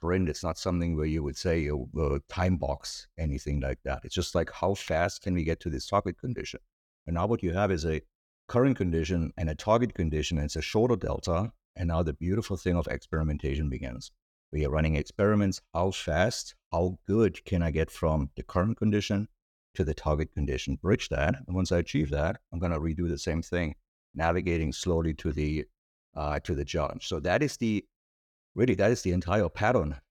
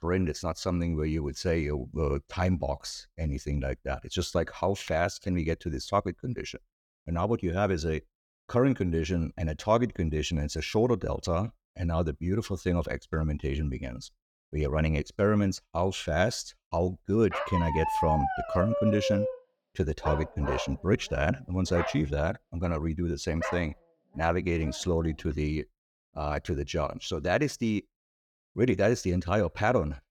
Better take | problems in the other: first | dog barking; loud; from 17 to 25 s; peak 1 dB above the speech

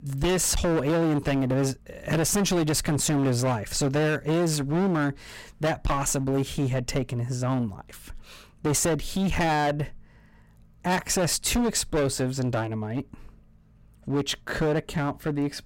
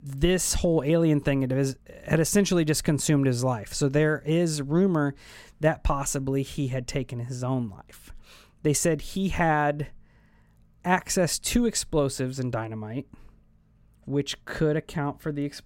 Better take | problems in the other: second | distortion; heavy; 17% of the sound clipped

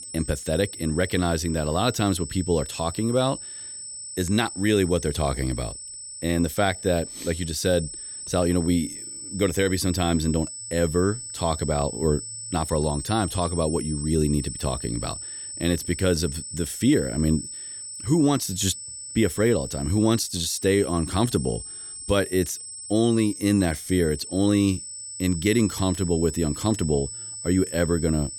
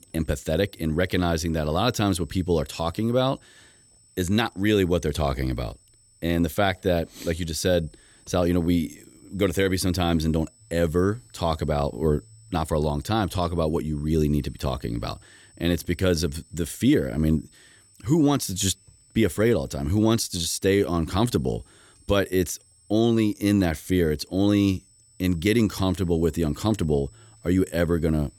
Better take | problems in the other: second | high-pitched whine; loud; throughout; 8 kHz, 9 dB below the speech; faint in the second

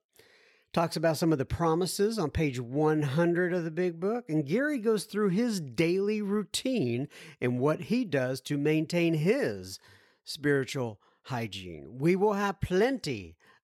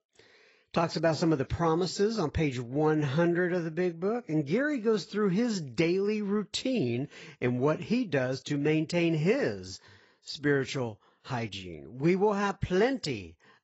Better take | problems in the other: first | garbled, watery; badly; nothing above 8 kHz

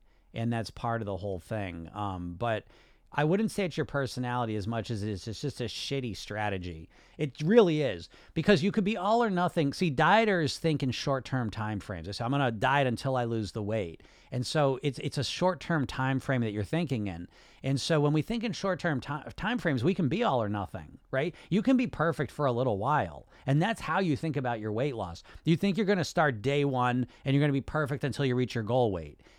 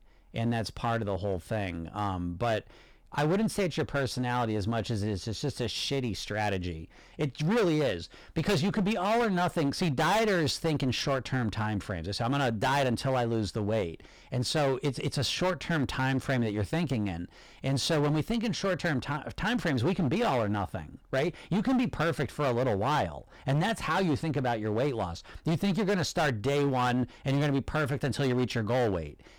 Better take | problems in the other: first | distortion; heavy; 15% of the sound clipped

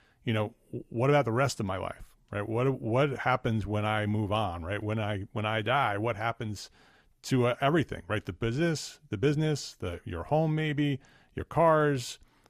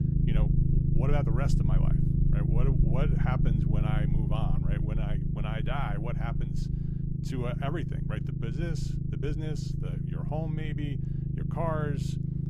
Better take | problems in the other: first | low rumble; loud; throughout; 1 dB below the speech

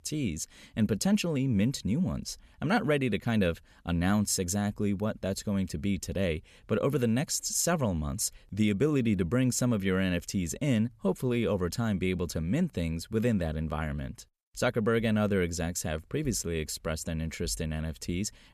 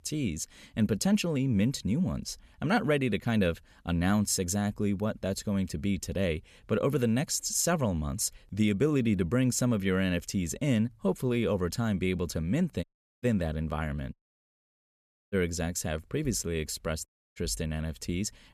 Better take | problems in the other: first | audio cutting out; at 13 s, at 14 s for 1 s and at 17 s

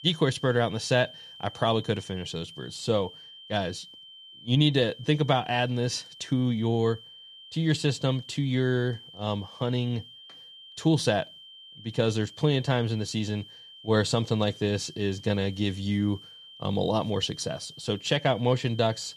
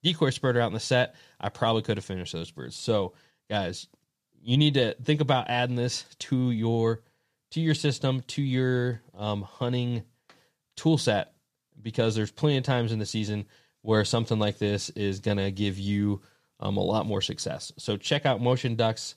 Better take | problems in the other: second | high-pitched whine; noticeable; throughout; 3 kHz, 20 dB below the speech

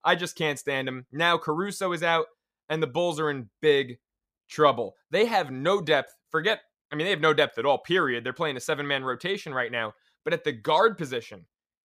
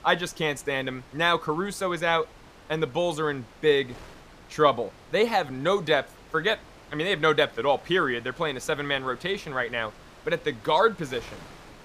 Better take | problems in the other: first | wind noise on the microphone; occasional gusts; 25 dB below the speech

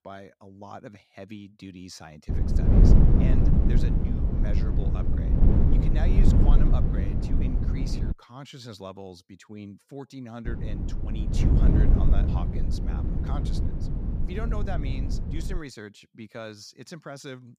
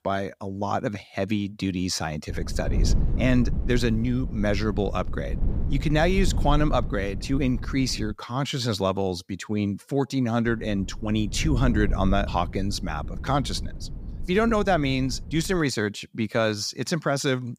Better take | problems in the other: second | wind noise on the microphone; heavy; from 2.5 to 8 s and from 10 to 16 s; 5 dB above the speech; occasional gusts in the second

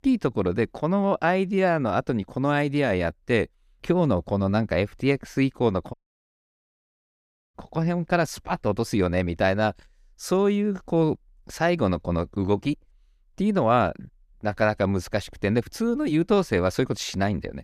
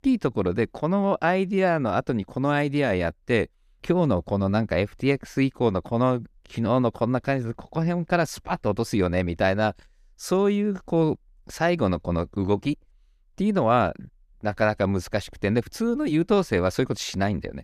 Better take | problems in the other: second | audio cutting out; at 6 s for 1.5 s

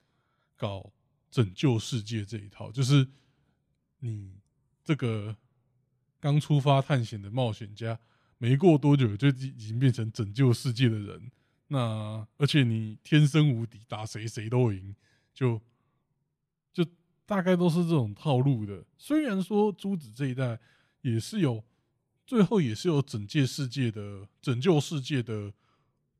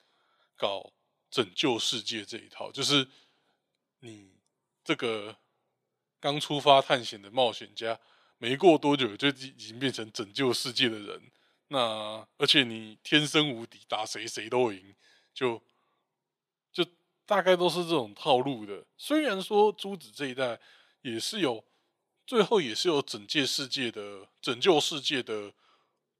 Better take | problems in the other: first | thin; very; fading below 500 Hz

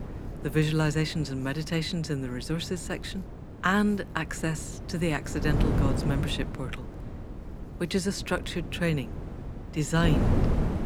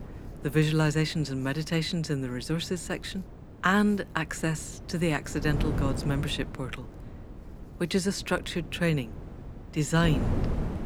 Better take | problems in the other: second | wind noise on the microphone; heavy; 9 dB below the speech; occasional gusts in the second

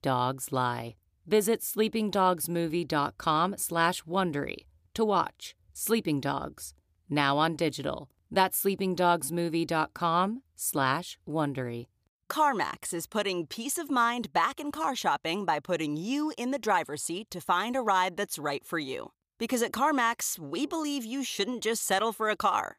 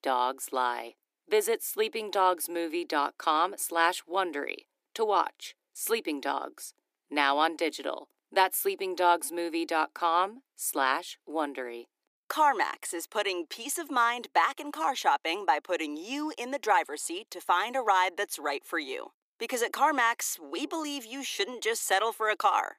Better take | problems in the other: first | thin; somewhat; fading below 300 Hz

